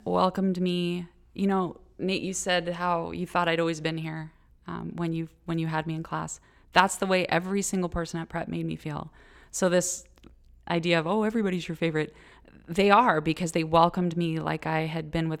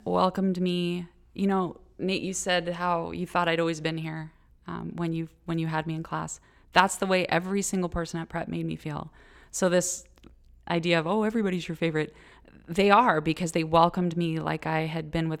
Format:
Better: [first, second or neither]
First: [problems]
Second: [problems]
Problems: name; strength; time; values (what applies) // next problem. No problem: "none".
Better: neither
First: none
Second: none